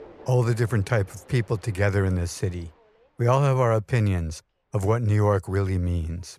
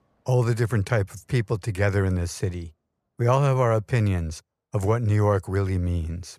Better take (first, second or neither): second